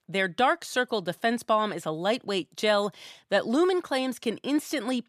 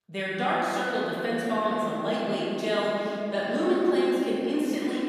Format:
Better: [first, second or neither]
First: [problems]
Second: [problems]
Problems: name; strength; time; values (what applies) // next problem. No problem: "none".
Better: first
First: none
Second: room echo; strong; dies away in 3 s // off-mic speech; far